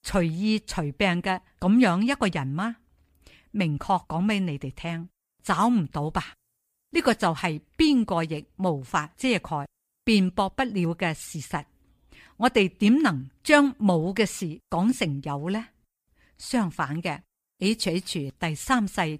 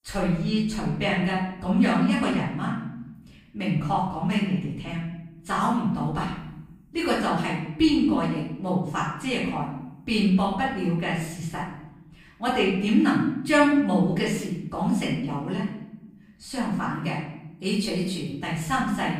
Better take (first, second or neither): first